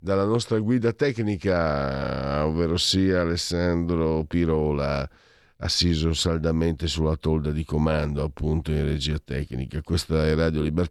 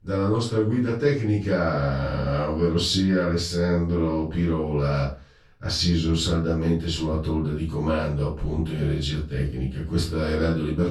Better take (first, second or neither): first